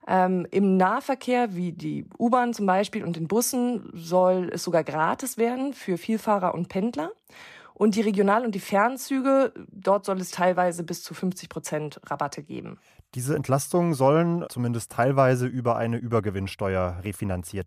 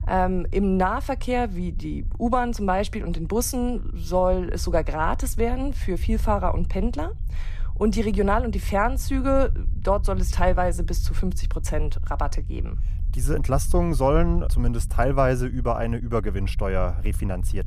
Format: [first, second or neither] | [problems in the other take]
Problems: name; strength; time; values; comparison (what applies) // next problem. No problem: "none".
first | low rumble; faint; throughout; 25 dB below the speech